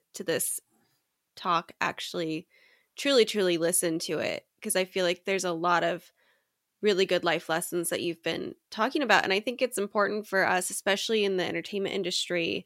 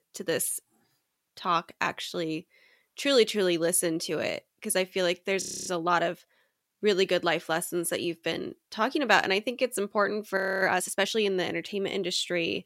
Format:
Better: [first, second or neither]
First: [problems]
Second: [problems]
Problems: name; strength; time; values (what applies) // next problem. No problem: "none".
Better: first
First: none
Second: audio freezing; at 5.5 s and at 10 s